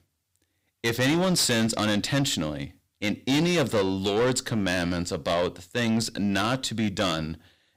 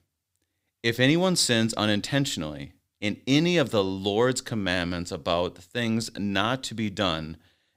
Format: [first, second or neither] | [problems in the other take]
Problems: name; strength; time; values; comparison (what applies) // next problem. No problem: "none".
second | distortion; heavy; 7 dB below the speech